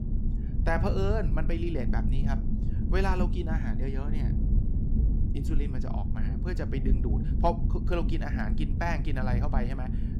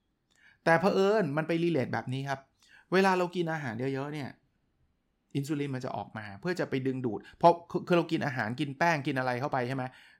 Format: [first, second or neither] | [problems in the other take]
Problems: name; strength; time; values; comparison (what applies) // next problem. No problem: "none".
second | low rumble; loud; throughout; 7 dB below the speech